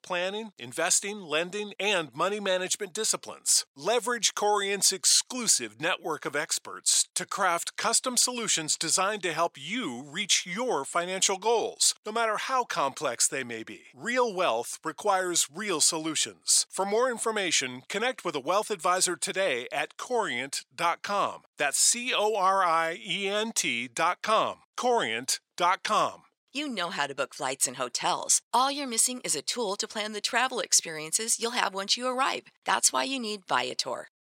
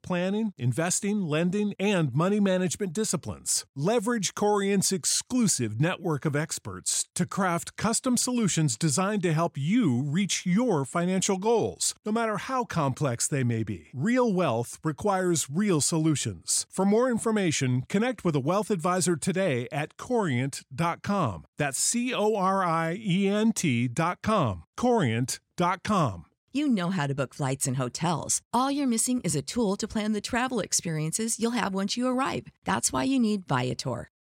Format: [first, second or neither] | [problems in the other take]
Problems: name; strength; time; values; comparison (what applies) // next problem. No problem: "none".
second | thin; very; fading below 550 Hz